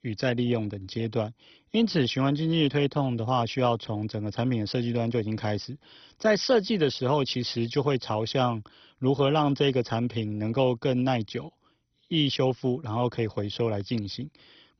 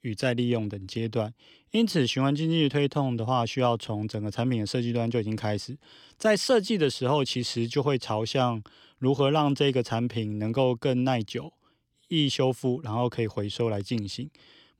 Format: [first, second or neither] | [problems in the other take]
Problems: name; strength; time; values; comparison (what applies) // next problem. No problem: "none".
second | garbled, watery; badly; nothing above 6 kHz